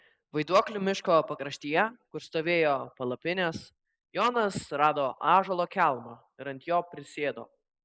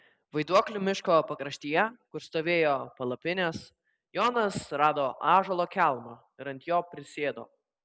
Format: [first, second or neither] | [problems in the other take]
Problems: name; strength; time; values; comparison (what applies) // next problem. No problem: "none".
second | noise reduction (neural mask model Resemble Enhance denoiser)